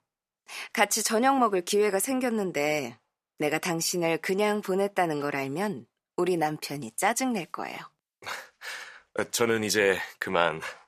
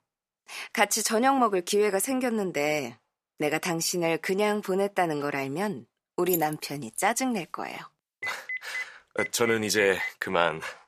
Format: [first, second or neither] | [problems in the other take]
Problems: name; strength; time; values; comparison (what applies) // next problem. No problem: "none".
first | jangling keys; noticeable; at 6.5 s; peak 5 dB below the speech // phone ringing; noticeable; from 8 to 10 s; peak 6 dB below the speech